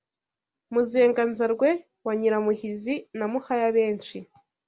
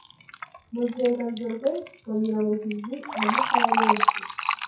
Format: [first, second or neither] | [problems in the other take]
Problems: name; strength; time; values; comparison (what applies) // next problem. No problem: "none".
first | noise reduction (classical method WPE with log-MMSE)